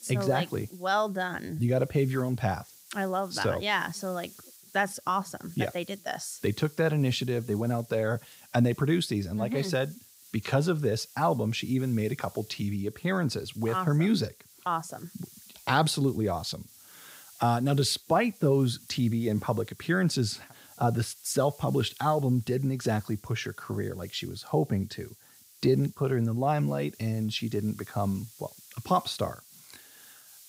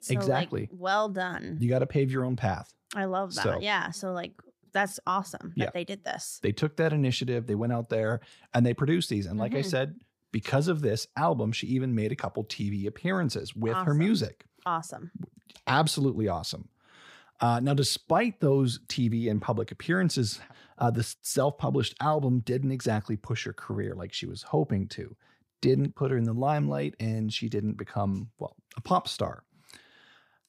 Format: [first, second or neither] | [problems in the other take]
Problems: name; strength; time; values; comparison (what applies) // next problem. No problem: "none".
second | hiss; faint; throughout; 20 dB below the speech